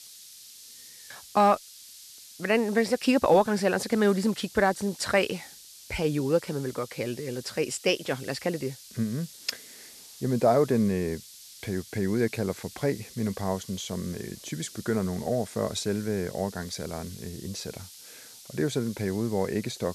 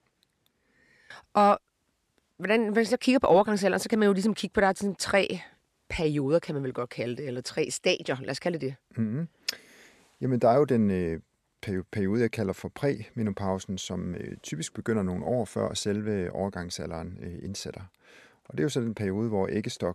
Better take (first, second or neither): second